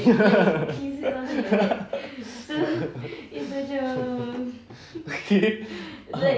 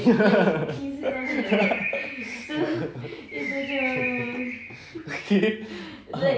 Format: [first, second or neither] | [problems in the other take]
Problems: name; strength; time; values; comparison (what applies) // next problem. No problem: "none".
first | background sound (Bird); 8 dB below the speech